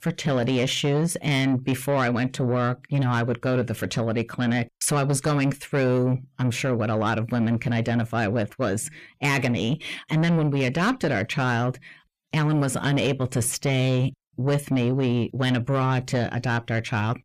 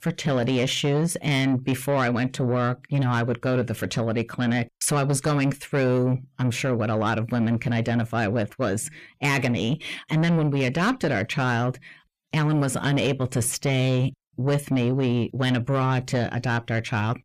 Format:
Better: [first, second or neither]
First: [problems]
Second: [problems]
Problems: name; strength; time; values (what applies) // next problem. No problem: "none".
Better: neither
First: distortion; slight; 10 dB below the speech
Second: distortion; slight; 10 dB below the speech